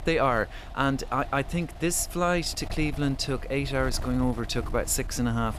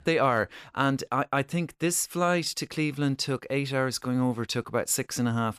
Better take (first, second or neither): second